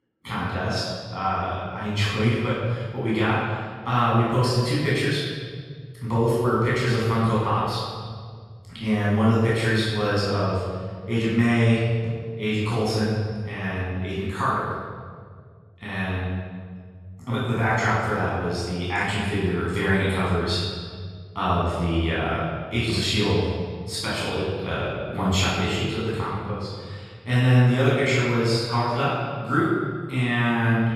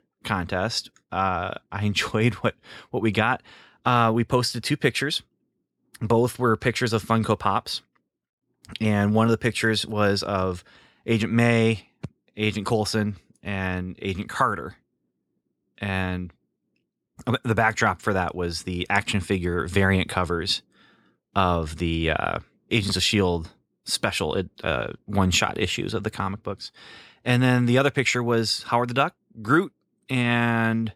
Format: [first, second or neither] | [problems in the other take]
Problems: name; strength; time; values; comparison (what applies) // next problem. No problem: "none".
second | off-mic speech; far // room echo; strong; dies away in 1.9 s